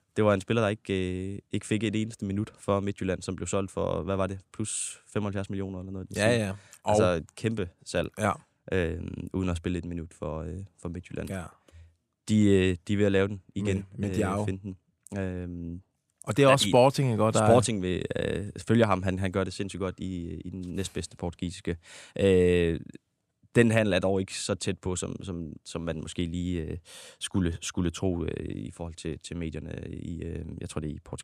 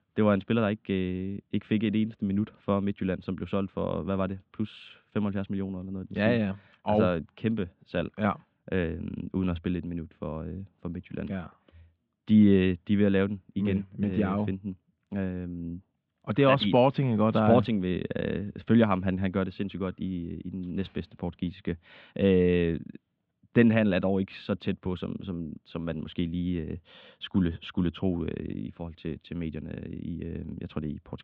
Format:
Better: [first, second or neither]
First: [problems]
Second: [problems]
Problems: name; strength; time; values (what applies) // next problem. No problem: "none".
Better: first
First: none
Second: muffled; very; fading above 3.5 kHz